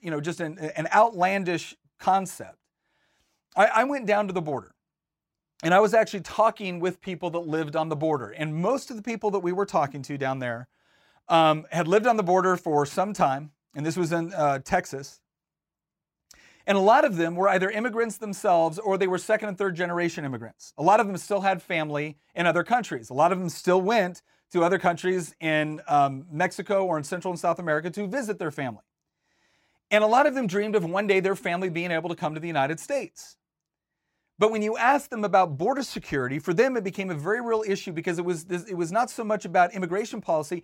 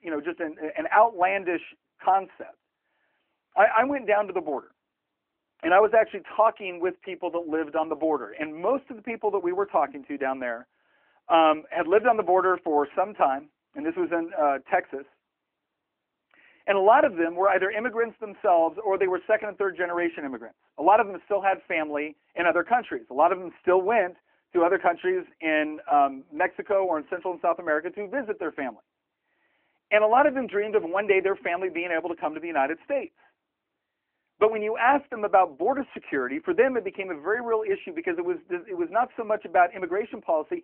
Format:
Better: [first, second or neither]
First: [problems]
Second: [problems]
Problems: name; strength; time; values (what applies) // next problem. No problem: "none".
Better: first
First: none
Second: phone-call audio